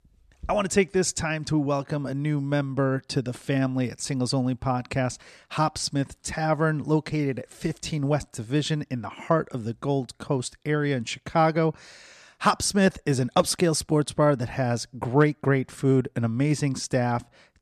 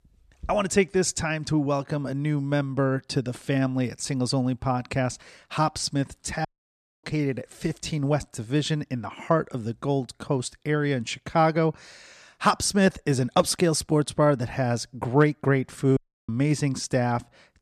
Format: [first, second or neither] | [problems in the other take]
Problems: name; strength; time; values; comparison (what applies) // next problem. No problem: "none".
first | audio cutting out; at 6.5 s for 0.5 s and at 16 s